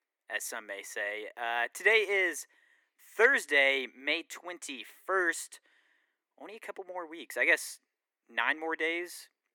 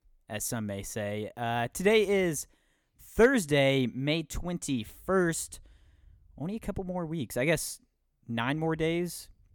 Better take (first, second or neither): second